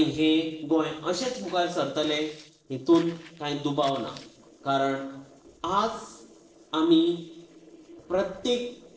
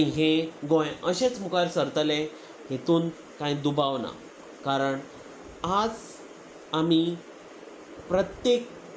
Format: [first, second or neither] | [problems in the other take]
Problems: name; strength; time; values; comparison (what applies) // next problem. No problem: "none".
second | noise reduction (neural separator model SepFormer DNS4)